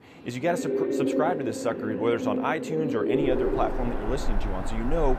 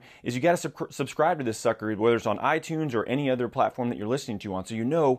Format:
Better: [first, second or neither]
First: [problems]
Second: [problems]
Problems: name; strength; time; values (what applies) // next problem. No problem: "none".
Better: second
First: animal sounds; very loud; throughout; 1 dB above the speech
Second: none